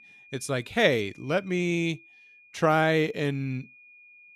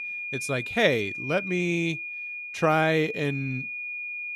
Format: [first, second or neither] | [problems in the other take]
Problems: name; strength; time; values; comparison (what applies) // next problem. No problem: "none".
first | high-pitched whine; loud; throughout; 2.5 kHz, 6 dB below the speech; faint in the first